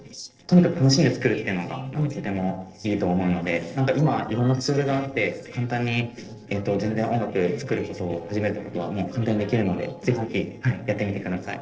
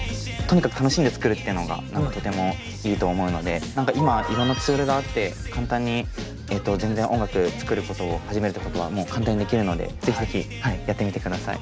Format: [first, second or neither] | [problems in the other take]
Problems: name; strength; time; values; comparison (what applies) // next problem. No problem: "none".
second | noise reduction (neural separator model SepFormer DNS4)